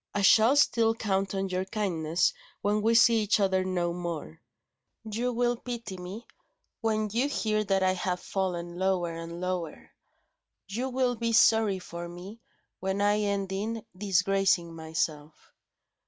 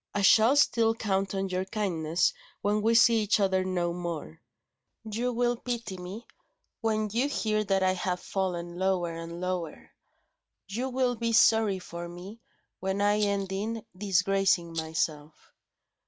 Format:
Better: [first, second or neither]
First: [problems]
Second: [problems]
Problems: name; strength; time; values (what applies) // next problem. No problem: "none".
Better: first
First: none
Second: background sound (Rattle); 10 dB below the speech